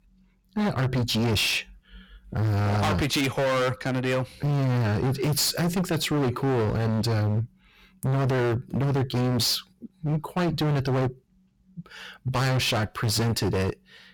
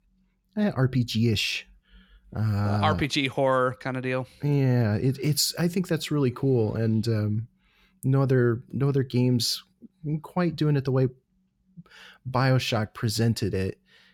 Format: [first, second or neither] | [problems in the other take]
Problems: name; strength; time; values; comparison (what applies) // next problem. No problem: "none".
second | distortion; heavy; 28% of the sound clipped